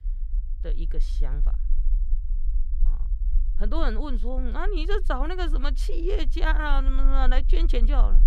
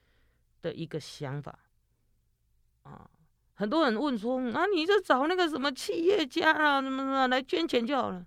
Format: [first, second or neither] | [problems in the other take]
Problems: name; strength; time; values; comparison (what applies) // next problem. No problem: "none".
second | low rumble; faint; throughout; 20 dB below the speech